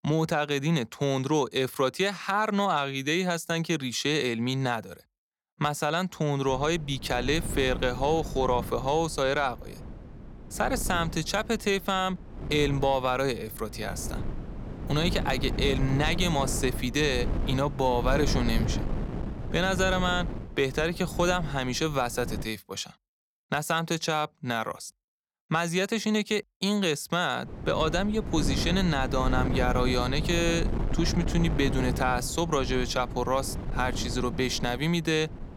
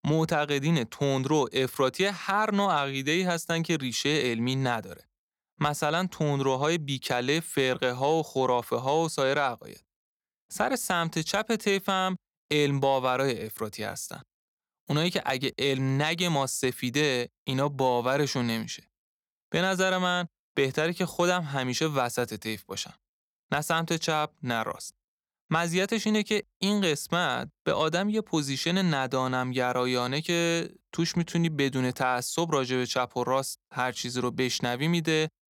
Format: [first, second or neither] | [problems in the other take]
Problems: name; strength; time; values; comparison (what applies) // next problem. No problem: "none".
second | wind noise on the microphone; occasional gusts; from 6.5 to 22 s and from 27 s on; 15 dB below the speech